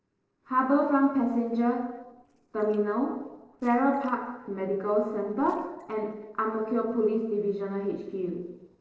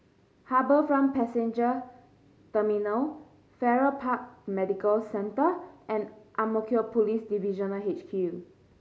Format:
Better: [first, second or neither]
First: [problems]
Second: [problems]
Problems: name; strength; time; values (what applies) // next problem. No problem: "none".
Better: second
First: noise reduction (neural separator model SepFormer DNS4)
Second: none